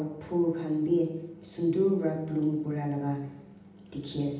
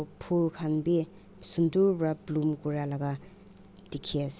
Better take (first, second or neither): second